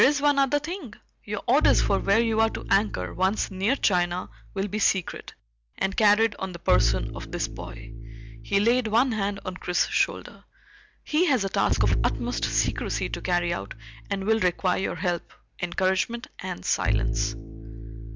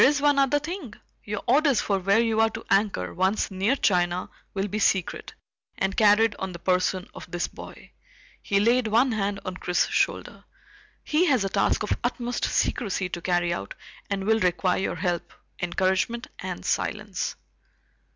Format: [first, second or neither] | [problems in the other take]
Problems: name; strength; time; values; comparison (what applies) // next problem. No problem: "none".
second | background sound (Bowed string instrument); 6 dB below the speech